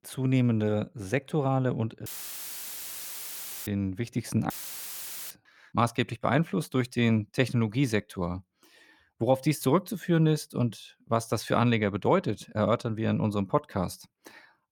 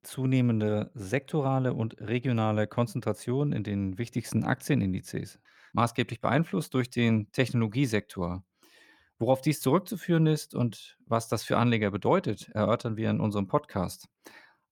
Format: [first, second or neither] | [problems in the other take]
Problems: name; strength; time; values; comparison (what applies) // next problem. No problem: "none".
second | audio cutting out; filled with static; at 2 s for 1.5 s and at 4.5 s for 1 s